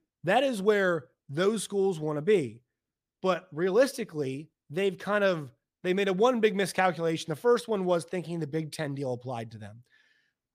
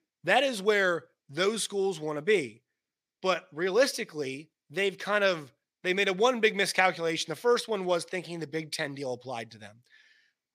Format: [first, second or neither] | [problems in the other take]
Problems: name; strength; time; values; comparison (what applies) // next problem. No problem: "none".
first | thin; very slightly; fading below 350 Hz